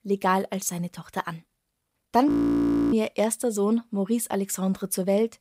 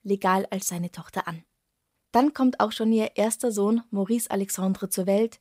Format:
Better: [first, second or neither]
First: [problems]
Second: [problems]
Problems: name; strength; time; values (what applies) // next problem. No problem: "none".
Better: second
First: audio freezing; at 2.5 s for 0.5 s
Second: none